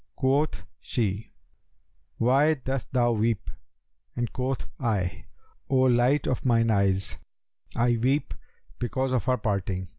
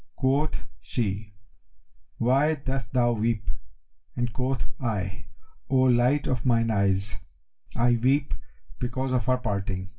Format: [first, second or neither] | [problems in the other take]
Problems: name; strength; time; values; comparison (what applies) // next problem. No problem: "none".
first | room echo; dies away in 0.2 s